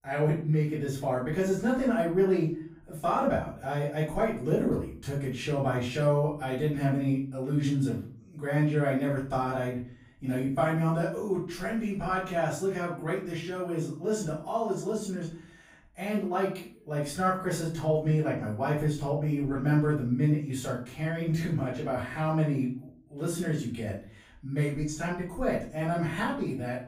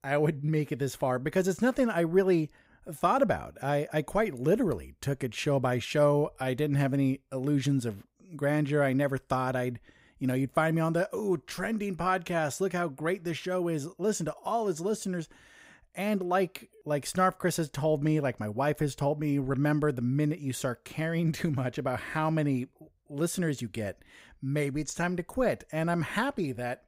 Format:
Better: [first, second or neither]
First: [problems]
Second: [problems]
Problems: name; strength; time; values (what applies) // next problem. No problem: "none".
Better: second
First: off-mic speech; far // room echo; noticeable; dies away in 0.4 s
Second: none